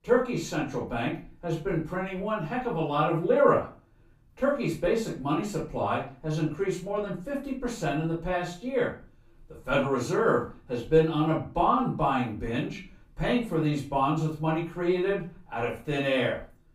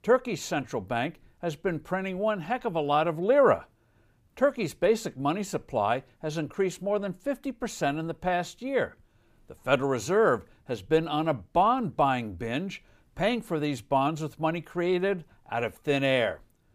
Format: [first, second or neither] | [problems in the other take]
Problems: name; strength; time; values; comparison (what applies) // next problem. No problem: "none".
second | off-mic speech; far // room echo; slight; dies away in 0.3 s